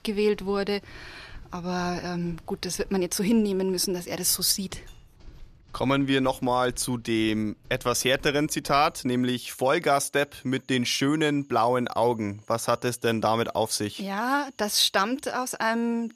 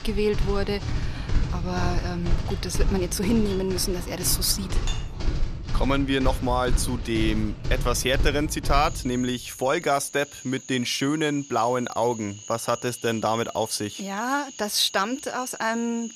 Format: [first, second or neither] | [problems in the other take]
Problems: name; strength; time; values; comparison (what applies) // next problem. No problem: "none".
first | animal sounds; loud; throughout; 7 dB below the speech; faint in the first